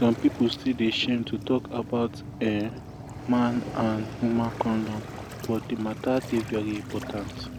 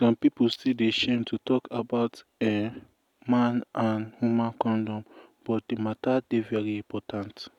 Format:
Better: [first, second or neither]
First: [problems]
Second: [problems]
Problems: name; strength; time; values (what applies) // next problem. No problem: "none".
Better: second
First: background sound (Waves, surf); 11 dB below the speech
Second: none